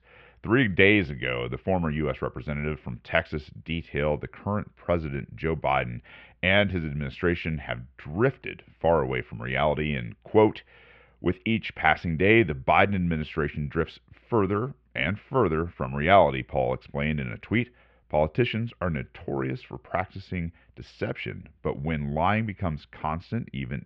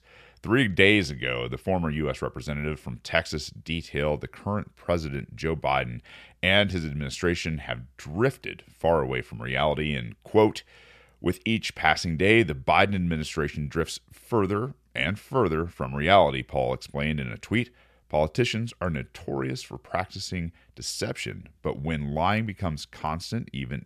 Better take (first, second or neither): second